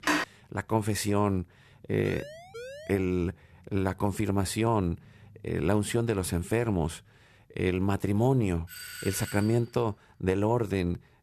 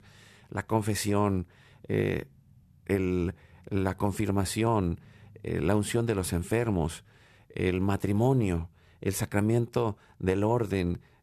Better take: second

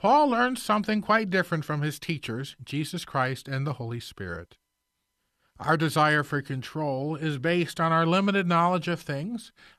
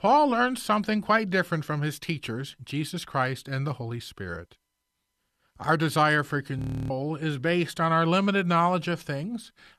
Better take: first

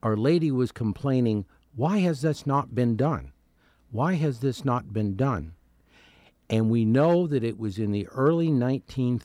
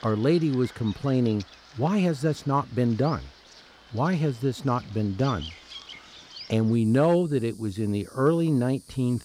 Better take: first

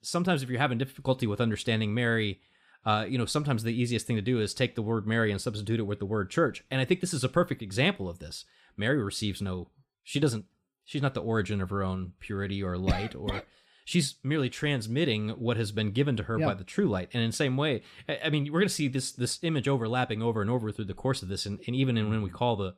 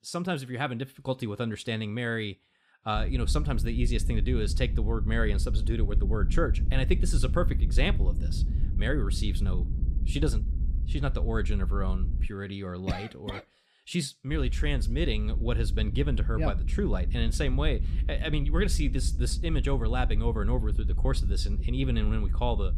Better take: first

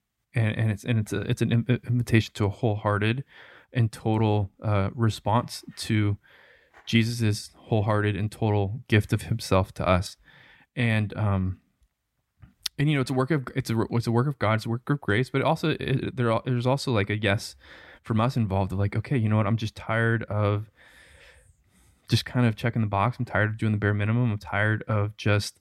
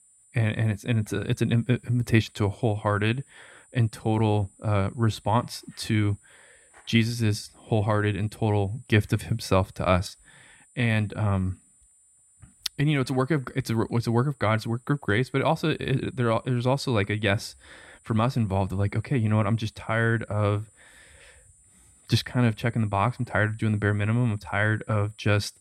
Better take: first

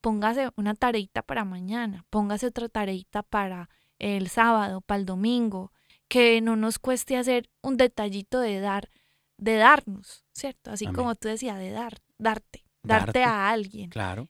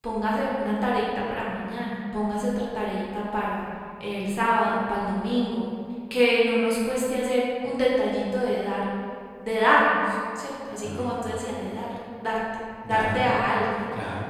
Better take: first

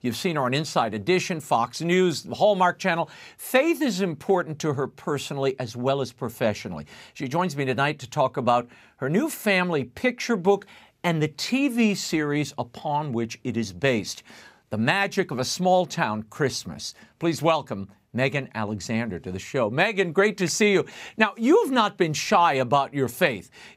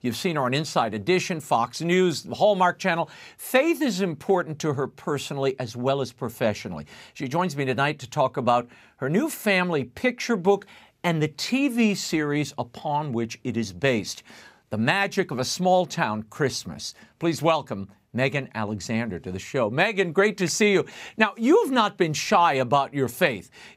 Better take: neither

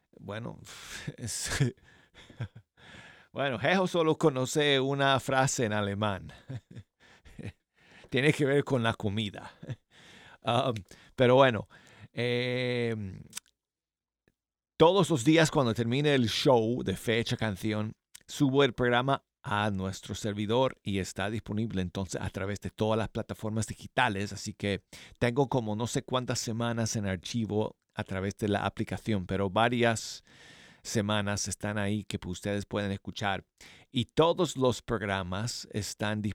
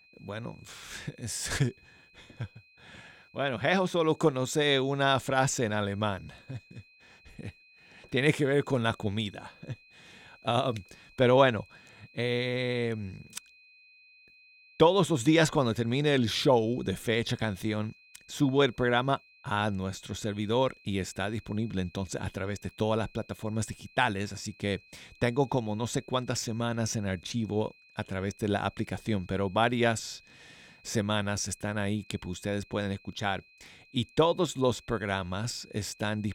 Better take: first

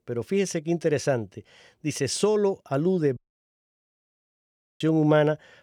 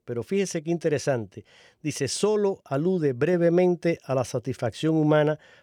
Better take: second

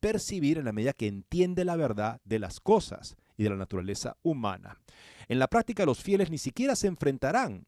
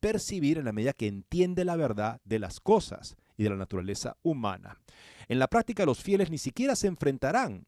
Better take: neither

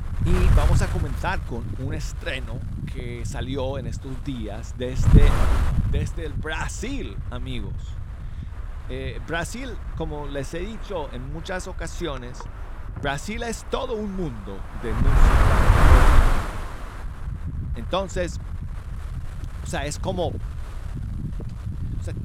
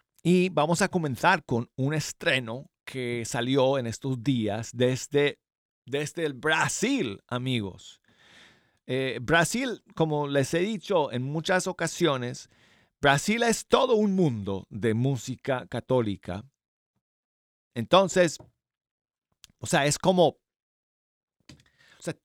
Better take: second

